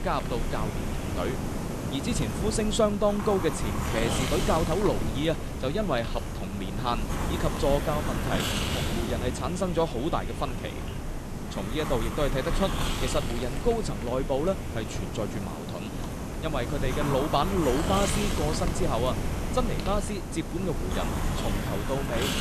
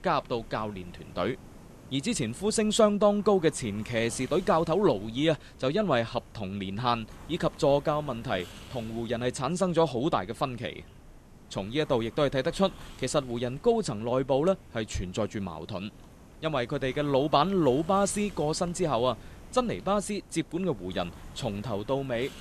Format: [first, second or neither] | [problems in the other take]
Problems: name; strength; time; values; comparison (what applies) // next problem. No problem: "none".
second | hiss; loud; throughout; 2 dB below the speech; faint in the second